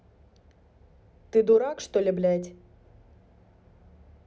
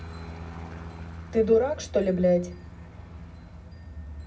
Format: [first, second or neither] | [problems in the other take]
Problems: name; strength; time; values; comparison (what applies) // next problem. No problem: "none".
first | background sound (Aircraft); 13 dB below the speech // room echo; dies away in 0.4 s